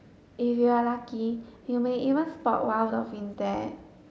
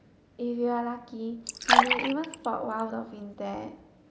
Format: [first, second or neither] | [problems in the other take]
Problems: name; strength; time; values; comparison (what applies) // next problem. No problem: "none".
first | background sound (Fill (with liquid)); 5 dB above the speech